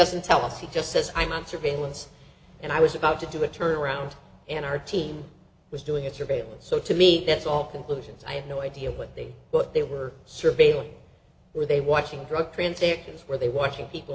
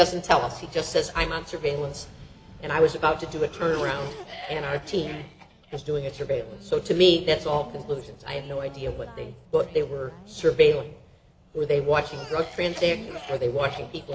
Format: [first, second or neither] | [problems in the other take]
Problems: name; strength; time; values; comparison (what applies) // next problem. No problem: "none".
first | background sound (Cough); 17 dB below the speech